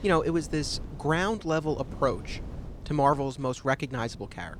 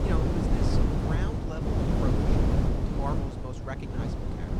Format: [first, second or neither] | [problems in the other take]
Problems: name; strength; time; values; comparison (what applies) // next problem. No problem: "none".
first | wind noise on the microphone; heavy; 5 dB above the speech; occasional gusts in the first